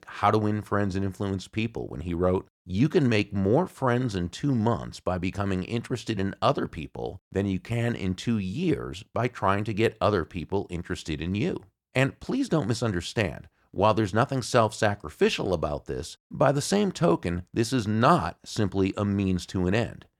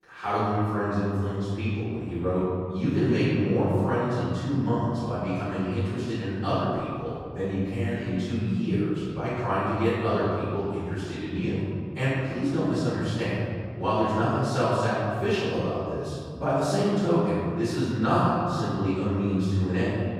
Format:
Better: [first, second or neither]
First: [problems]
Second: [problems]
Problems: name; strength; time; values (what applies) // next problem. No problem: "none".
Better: first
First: none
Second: room echo; strong; dies away in 2.1 s // off-mic speech; far